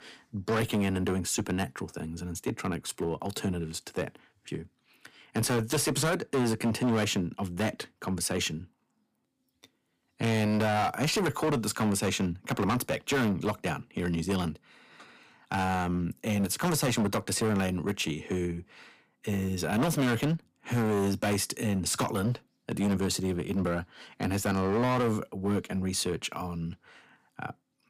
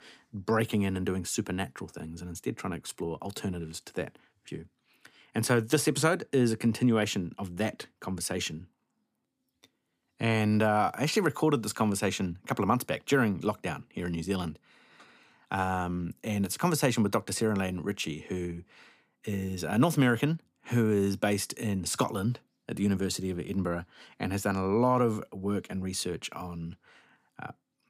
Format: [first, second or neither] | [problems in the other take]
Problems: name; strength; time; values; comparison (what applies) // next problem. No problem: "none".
second | distortion; heavy; 11% of the sound clipped